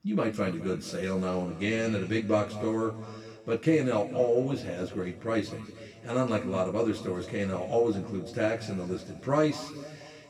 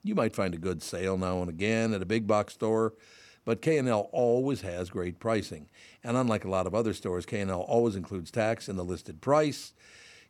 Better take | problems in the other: second | room echo; slight; dies away in 2 s // off-mic speech; far

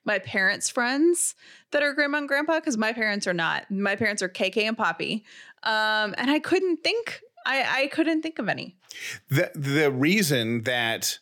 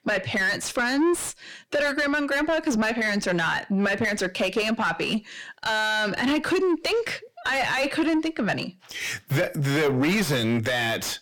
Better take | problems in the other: first | distortion; heavy; 7 dB below the speech

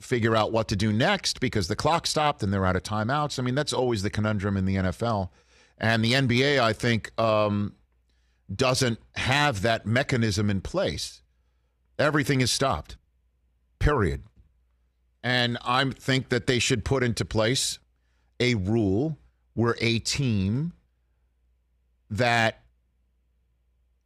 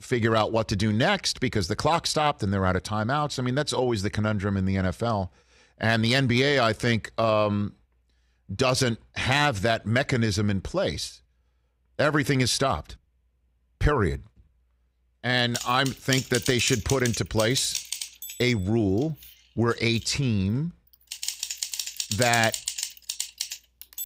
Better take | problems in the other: first | keyboard typing; noticeable; from 16 s on; peak 3 dB below the speech

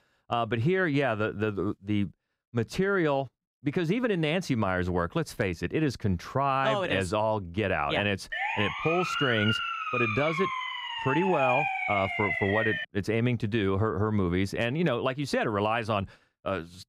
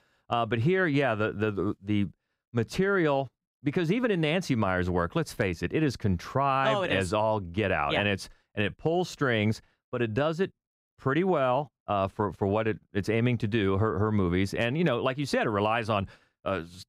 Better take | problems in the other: second | siren; loud; from 8.5 to 13 s; peak 1 dB above the speech

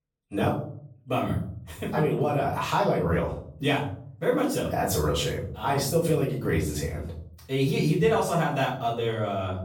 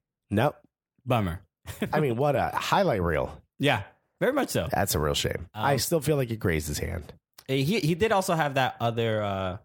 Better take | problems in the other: second | room echo; noticeable; dies away in 0.5 s // off-mic speech; far

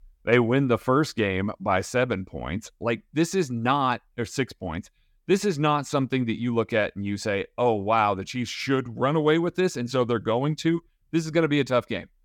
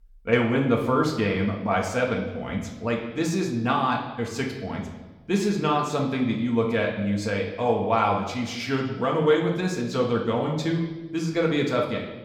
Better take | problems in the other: first | room echo; slight; dies away in 0.9 s // off-mic speech; somewhat distant

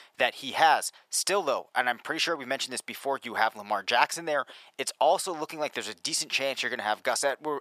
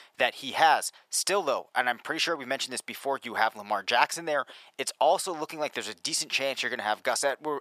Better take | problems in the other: neither | thin; very; fading below 750 Hz; the same in both

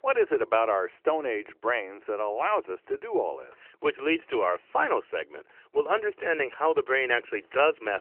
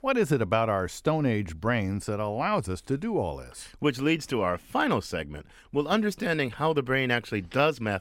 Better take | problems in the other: second | phone-call audio; nothing above 3 kHz

